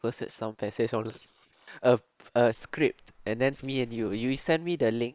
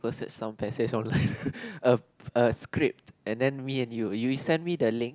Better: second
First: noise reduction (neural separator model SepFormer WHAM!)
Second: none

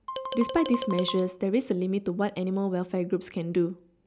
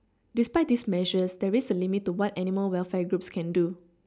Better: second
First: background sound (Marimba, xylophone); 8 dB below the speech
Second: none

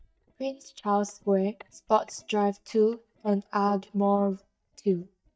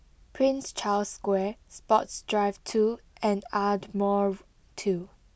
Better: second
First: noise reduction (neural mask model DeepFilterNet 3)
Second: none

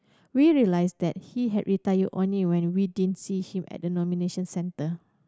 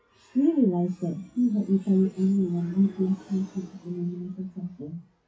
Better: first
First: none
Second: noise reduction (classical method WPE with log-MMSE)

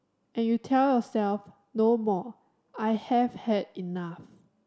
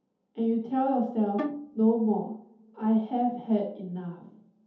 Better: first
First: none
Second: background sound (Bowed string instrument); 7 dB below the speech // room echo; dies away in 0.6 s

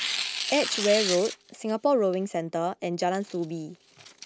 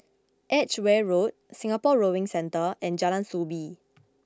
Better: second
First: background sound (Tearing); 7 dB below the speech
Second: none

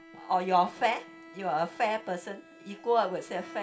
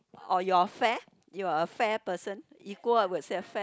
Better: second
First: background sound (Bowed string instrument); 19 dB below the speech // room echo; dies away in 0.5 s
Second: none

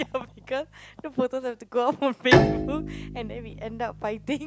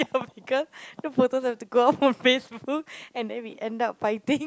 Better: second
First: background sound (Bowed string instrument); 1 dB above the speech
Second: none

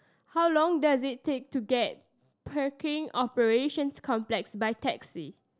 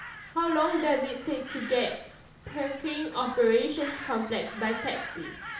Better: first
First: none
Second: background sound (Crow); 12 dB below the speech // room echo; dies away in 0.7 s

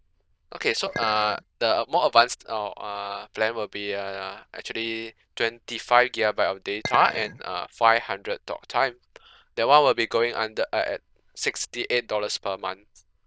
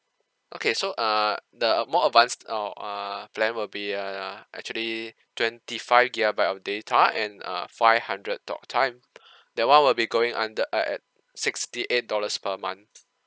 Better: second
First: noise reduction (neural diffusion model UNIVERSE++)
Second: none

